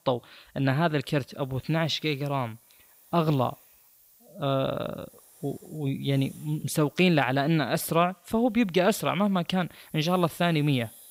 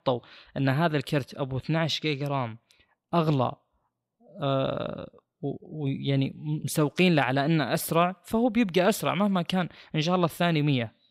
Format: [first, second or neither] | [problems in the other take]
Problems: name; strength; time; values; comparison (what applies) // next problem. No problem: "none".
second | hiss; faint; throughout; 25 dB below the speech